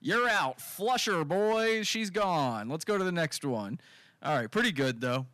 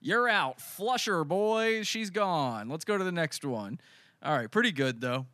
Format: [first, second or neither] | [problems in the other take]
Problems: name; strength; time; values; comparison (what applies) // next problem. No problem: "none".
second | distortion; slight; 6% of the sound clipped